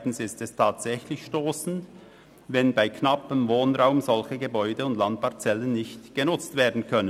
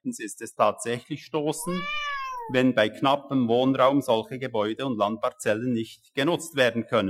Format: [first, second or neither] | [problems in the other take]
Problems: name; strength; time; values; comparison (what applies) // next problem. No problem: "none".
first | noise reduction (classical method Wiener filter)